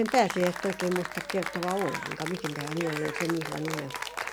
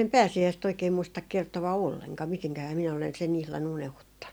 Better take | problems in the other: second | background sound (Applause / Cheering); 6 dB below the speech

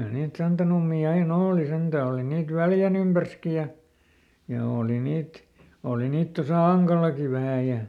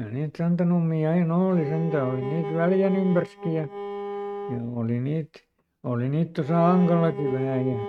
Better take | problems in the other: first | noise reduction (neural mask model RNNoise)

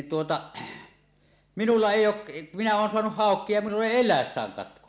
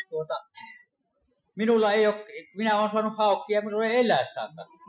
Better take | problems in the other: first | noise reduction (classical method Wiener filter)

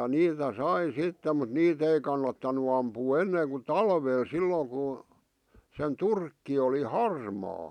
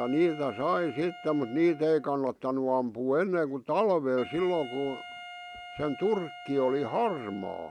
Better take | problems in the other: first | background sound (Wind instrument, woodwind instrument); 17 dB below the speech

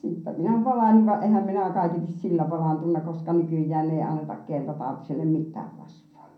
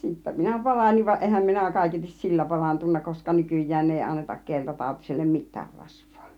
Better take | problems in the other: second | room echo; dies away in 0.6 s

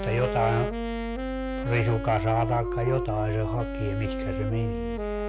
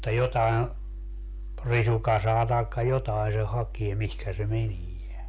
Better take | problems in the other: second | background sound (Wind instrument, woodwind instrument); 4 dB below the speech

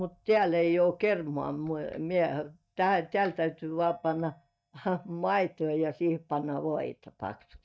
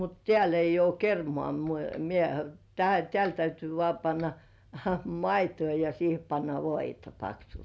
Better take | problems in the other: second | noise reduction (neural mask model DeepFilterNet 3)

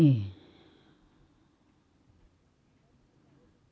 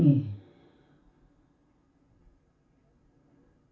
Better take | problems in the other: first | room echo; dies away in 0.3 s

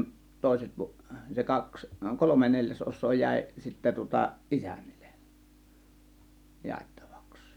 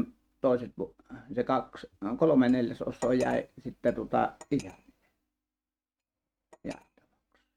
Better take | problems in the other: first | noise reduction (neural mask model RNNoise)

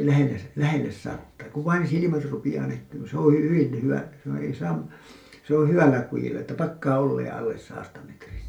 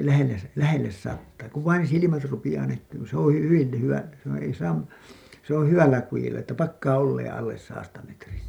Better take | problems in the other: second | room echo; dies away in 0.3 s

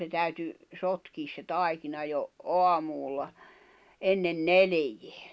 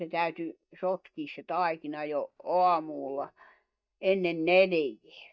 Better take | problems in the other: first | noise reduction (neural mask model DeepFilterNet 3)

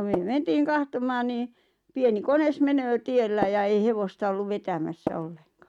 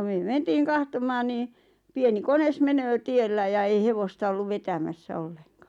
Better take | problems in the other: second | noise reduction (neural mask model RNNoise)

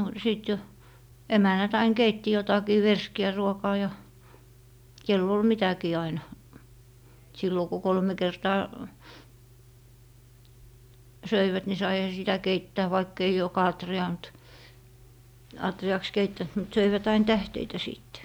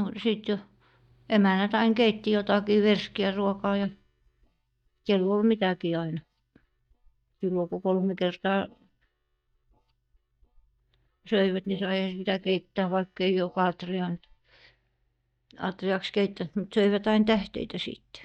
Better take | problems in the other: first | noise reduction (neural mask model DeepFilterNet 3)

